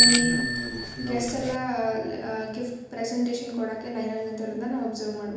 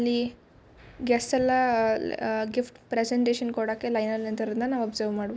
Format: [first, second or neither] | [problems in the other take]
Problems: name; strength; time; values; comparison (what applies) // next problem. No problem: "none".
second | background sound (Bicycle bell); as loud as the speech // room echo; dies away in 1 s